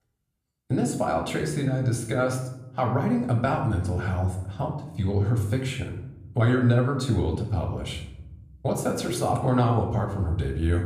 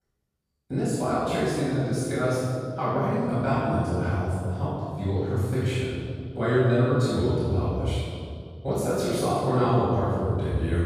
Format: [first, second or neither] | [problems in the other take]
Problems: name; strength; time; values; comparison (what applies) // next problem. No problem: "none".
first | room echo; strong; dies away in 2.4 s; slight in the first // off-mic speech; far; somewhat distant in the first